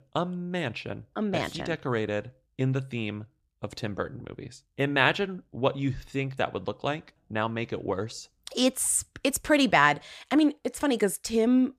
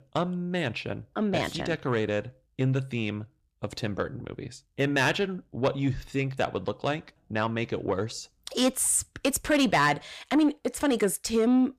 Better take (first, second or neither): first